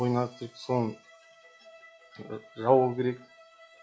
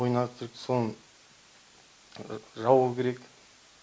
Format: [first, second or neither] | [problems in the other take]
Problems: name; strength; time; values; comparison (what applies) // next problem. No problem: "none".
second | noise reduction (classical method log-MMSE)